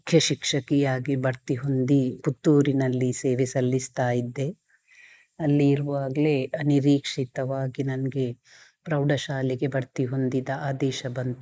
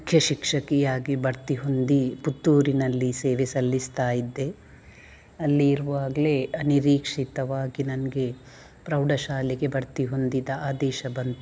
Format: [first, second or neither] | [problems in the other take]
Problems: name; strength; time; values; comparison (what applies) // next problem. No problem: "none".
second | noise reduction (neural mask model Resemble Enhance denoiser)